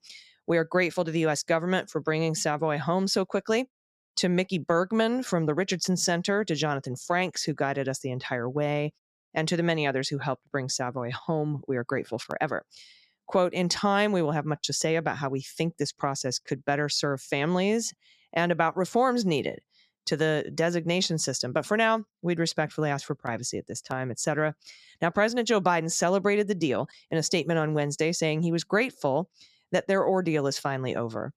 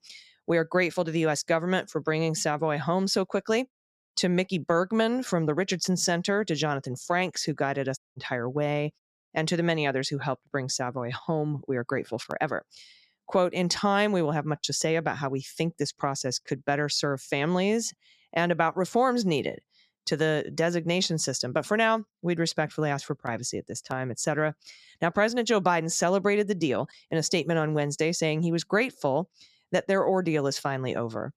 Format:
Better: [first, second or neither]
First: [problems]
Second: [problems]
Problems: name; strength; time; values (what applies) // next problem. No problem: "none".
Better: first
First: none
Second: audio cutting out; at 8 s